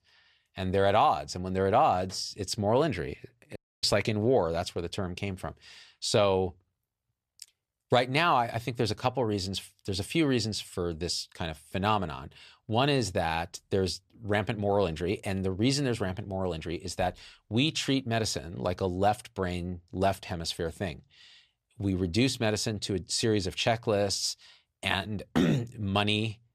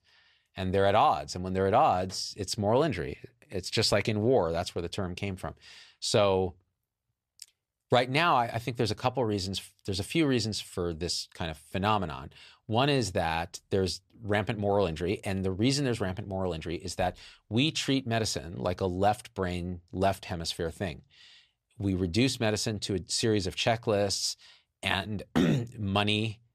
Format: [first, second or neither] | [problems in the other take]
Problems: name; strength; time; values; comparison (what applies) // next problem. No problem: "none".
second | audio cutting out; at 3.5 s